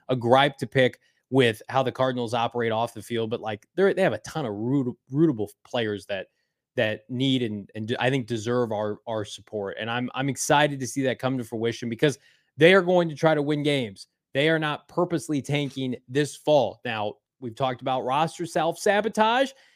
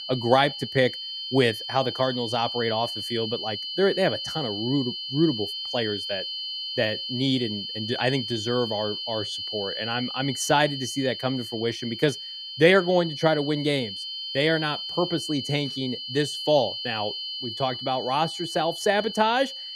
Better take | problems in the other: first | high-pitched whine; loud; throughout; 3 kHz, 5 dB below the speech

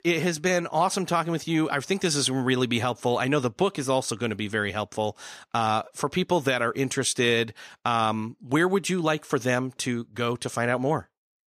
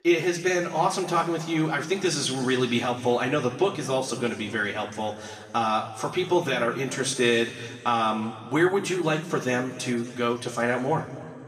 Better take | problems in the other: first | room echo; noticeable; dies away in 2.1 s // off-mic speech; far

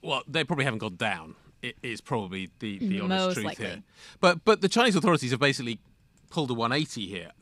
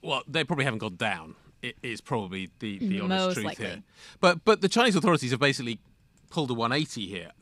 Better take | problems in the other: neither | none

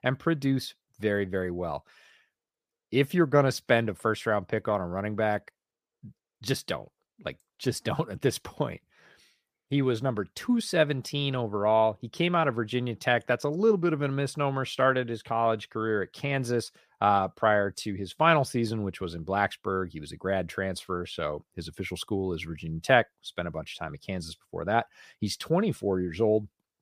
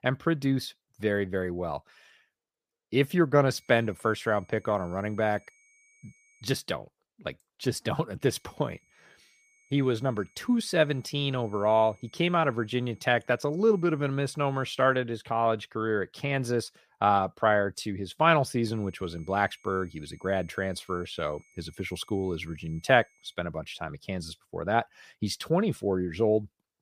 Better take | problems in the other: first | high-pitched whine; faint; from 3.5 to 6.5 s, from 8 to 15 s and from 19 to 23 s; 2 kHz, 35 dB below the speech

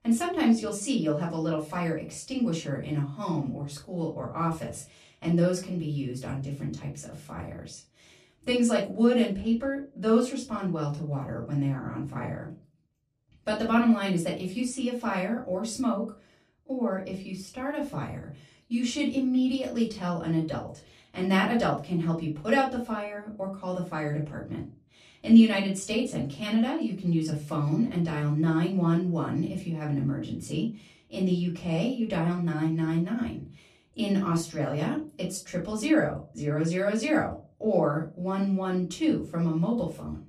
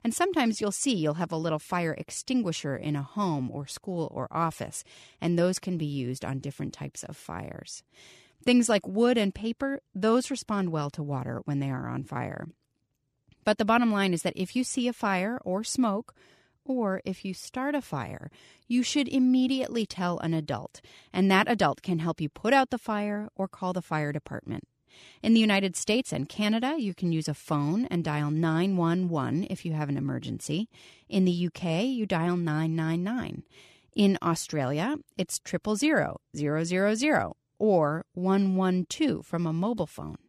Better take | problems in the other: second | off-mic speech; far // room echo; slight; dies away in 0.3 s

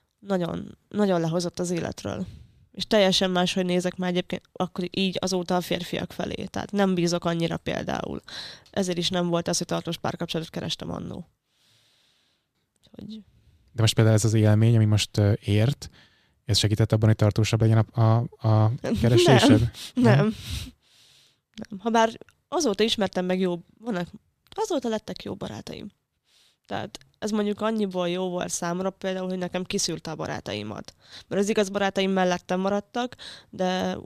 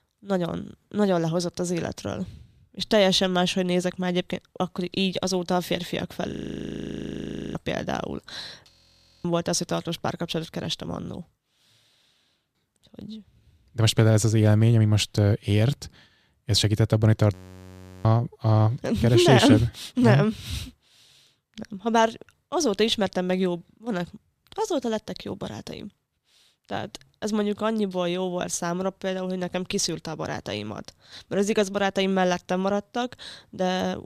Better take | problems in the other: first | audio freezing; at 6.5 s for 1 s, at 8.5 s for 0.5 s and at 17 s for 0.5 s

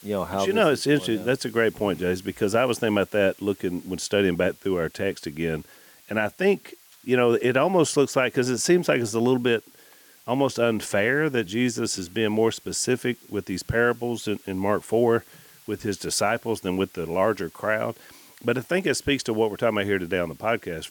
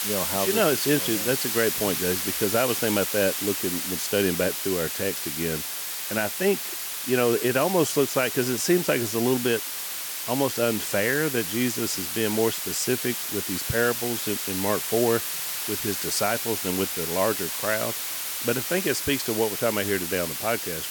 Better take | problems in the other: first | hiss; loud; throughout; 1 dB below the speech; faint in the first

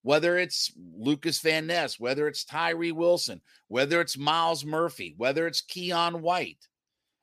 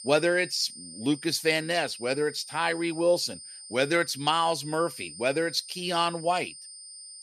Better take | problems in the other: first | high-pitched whine; noticeable; throughout; 9 kHz, 15 dB below the speech

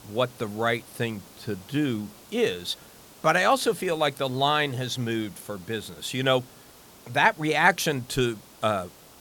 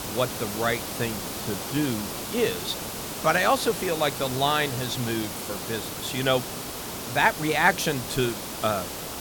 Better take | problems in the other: first | hiss; loud; throughout; 6 dB below the speech; faint in the first

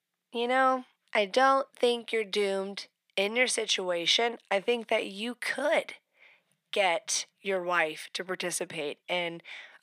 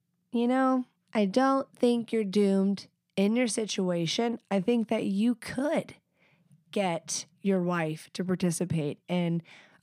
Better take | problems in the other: second | thin; very; fading below 600 Hz

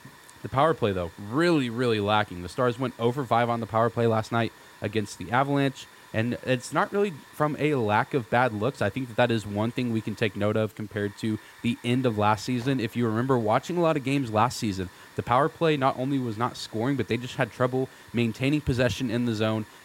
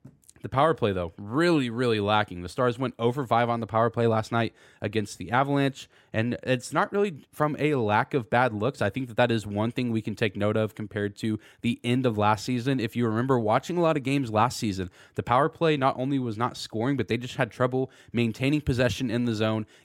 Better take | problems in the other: second | hiss; faint; throughout; 25 dB below the speech

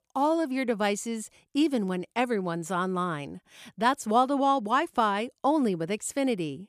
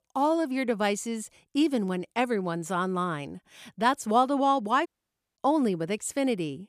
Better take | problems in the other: first | audio cutting out; at 5 s for 0.5 s

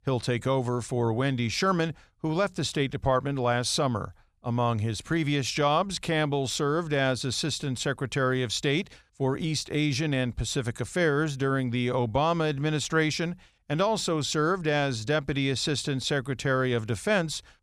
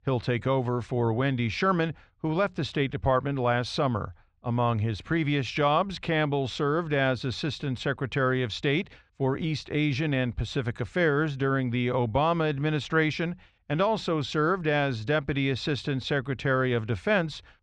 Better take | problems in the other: first | muffled; slightly; fading above 2.5 kHz

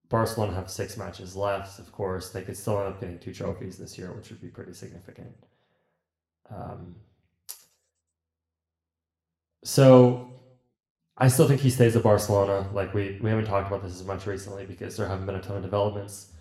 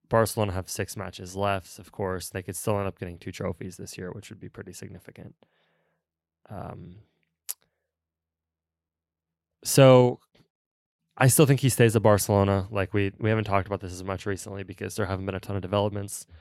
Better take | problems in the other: second | room echo; very slight; dies away in 0.5 s

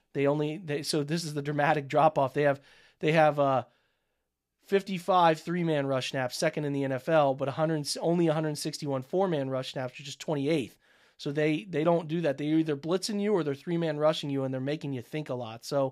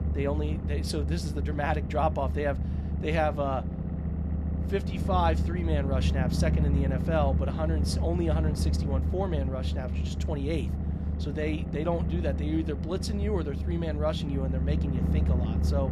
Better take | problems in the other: first | low rumble; loud; throughout; 8 dB below the speech

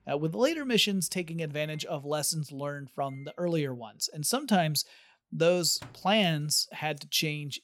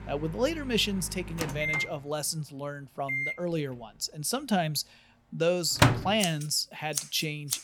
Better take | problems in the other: first | household noises; loud; throughout; 1 dB below the speech; faint in the first

